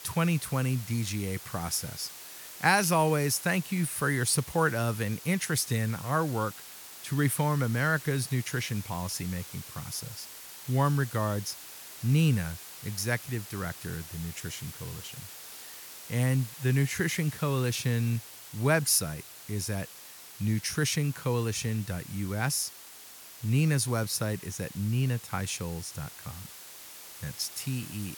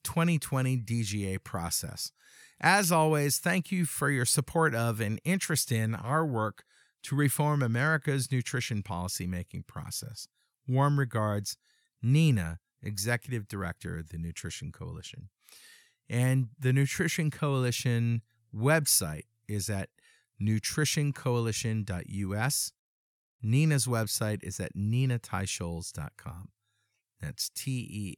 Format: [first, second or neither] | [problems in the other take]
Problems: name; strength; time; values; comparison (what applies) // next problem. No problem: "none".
second | hiss; noticeable; throughout; 15 dB below the speech